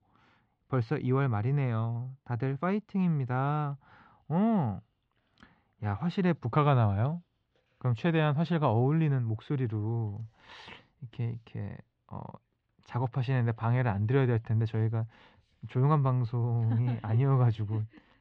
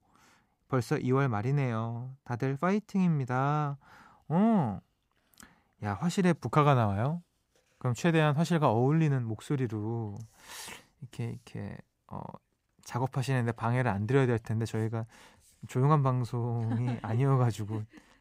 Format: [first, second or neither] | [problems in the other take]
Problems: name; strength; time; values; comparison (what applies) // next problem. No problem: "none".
second | muffled; slightly; fading above 3.5 kHz